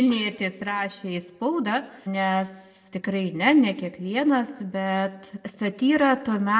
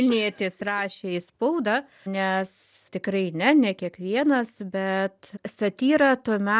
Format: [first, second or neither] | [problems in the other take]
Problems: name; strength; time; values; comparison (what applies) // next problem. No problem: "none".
second | room echo; dies away in 0.9 s